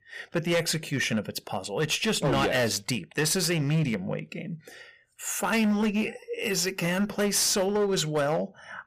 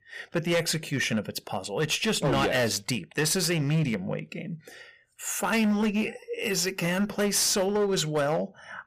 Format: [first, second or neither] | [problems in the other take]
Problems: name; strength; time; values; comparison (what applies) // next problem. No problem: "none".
neither | distortion; slight; 11% of the sound clipped; the same in both